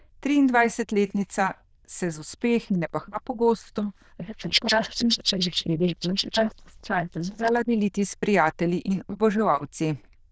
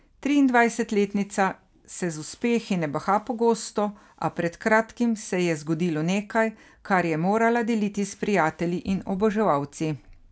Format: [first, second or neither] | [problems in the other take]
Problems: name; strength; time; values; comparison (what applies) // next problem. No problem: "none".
second | noise reduction (neural diffusion model UNIVERSE++)